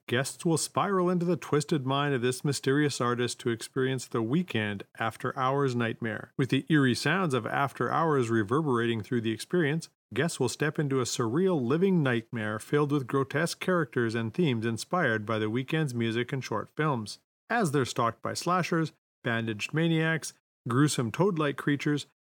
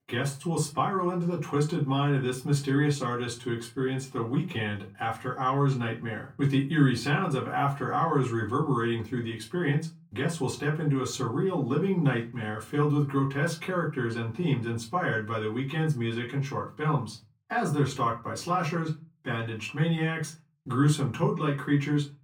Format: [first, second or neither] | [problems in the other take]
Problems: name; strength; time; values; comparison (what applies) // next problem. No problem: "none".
first | off-mic speech; far // room echo; very slight; dies away in 0.3 s